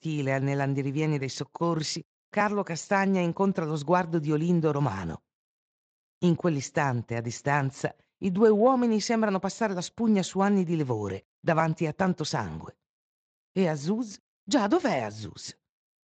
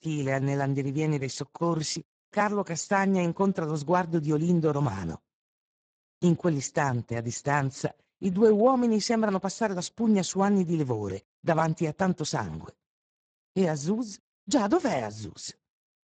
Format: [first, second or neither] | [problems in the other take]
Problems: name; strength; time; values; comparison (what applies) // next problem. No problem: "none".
first | garbled, watery; badly; nothing above 7.5 kHz; slightly in the first